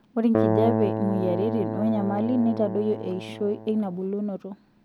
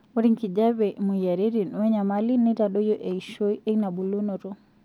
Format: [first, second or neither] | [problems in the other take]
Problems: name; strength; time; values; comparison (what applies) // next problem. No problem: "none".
second | background sound (Keyboard (musical)); 2 dB below the speech